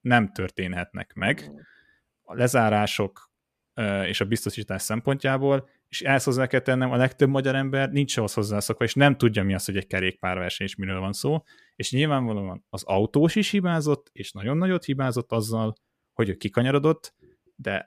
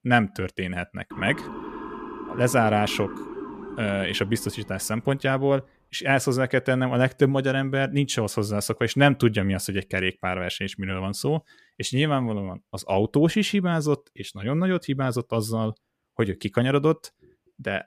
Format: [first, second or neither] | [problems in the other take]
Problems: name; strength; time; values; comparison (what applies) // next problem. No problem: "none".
first | siren; faint; from 1 to 5 s; peak 10 dB below the speech